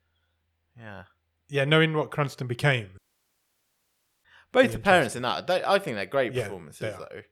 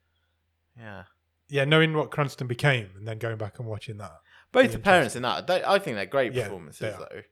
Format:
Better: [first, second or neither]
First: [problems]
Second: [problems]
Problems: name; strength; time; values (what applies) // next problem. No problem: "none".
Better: second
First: audio cutting out; at 3 s for 1.5 s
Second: none